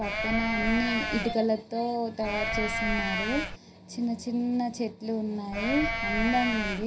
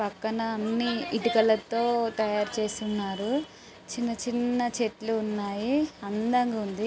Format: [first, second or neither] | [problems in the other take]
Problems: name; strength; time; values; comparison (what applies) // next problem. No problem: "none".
second | background sound (Livestock, farm animals, working animals); 1 dB below the speech // room echo; dies away in 0.4 s